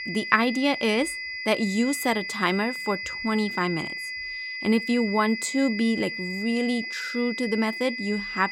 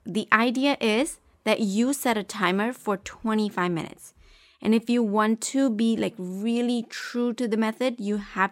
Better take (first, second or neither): second